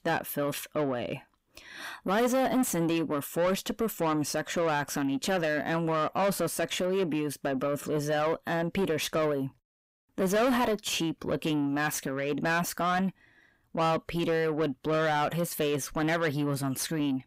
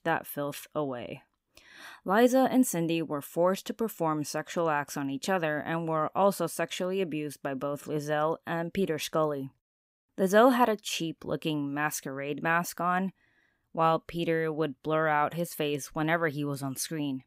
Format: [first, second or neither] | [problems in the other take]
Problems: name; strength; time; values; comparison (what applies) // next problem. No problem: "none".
second | distortion; heavy; 6 dB below the speech